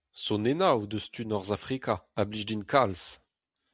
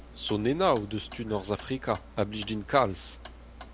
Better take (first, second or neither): first